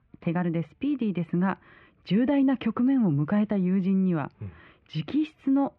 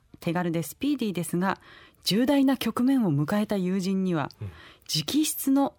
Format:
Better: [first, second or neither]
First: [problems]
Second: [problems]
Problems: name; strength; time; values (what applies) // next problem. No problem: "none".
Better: second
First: muffled; very; fading above 2.5 kHz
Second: none